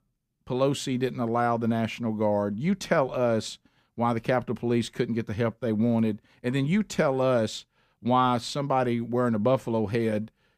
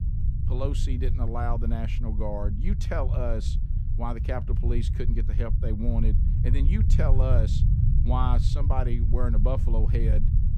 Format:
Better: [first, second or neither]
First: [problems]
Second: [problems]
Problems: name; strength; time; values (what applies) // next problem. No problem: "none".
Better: first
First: none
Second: low rumble; loud; throughout; 7 dB below the speech